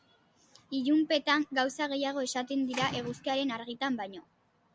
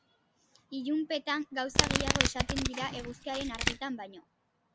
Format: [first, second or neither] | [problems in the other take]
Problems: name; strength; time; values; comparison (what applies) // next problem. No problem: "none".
first | background sound (Domestic sounds, home sounds); 5 dB above the speech